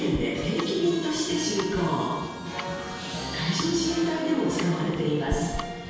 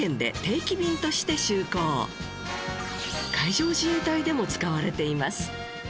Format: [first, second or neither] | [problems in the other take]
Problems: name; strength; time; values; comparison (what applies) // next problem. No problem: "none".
second | background sound (Tick-tock); 13 dB below the speech // room echo; dies away in 1.2 s